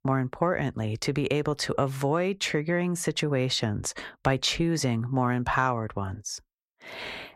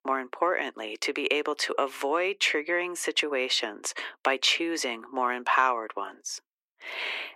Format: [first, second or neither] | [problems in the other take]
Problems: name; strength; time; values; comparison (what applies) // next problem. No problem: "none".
first | thin; very; fading below 300 Hz